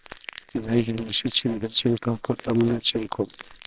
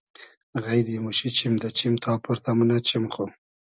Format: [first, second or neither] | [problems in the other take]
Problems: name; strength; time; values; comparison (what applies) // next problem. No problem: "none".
second | noise reduction (neural separator model SepFormer WHAMR!)